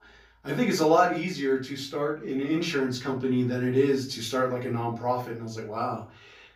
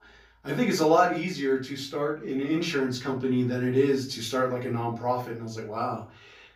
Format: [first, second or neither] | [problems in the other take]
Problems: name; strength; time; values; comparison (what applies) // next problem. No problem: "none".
neither | room echo; slight; dies away in 0.3 s; the same in both // off-mic speech; far; the same in both